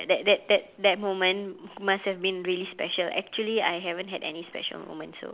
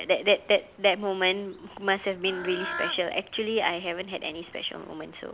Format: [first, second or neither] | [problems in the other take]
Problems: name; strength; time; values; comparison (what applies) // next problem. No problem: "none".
first | background sound (Bird / Fowl); 15 dB below the speech